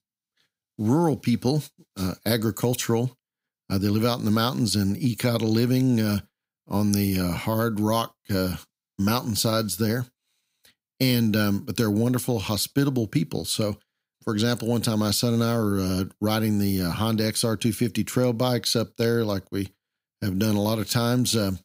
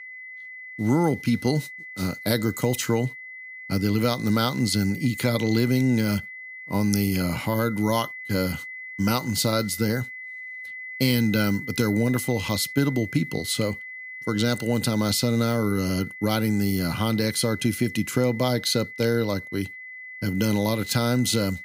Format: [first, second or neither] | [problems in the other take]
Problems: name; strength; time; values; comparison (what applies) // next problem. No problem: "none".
first | high-pitched whine; noticeable; throughout; 2 kHz, 10 dB below the speech